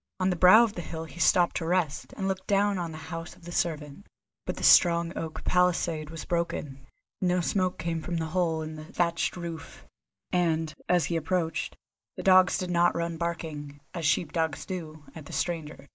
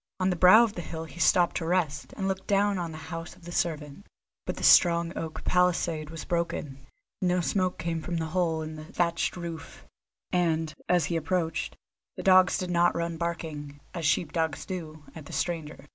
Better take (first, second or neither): second